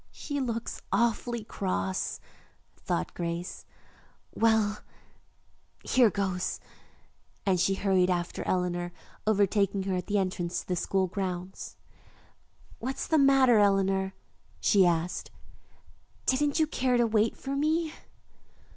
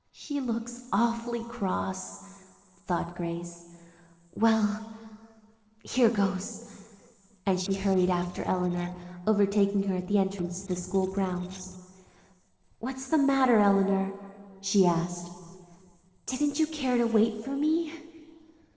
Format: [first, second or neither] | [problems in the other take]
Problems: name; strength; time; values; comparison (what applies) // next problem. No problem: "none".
first | noise reduction (neural separator model SepFormer DNS4)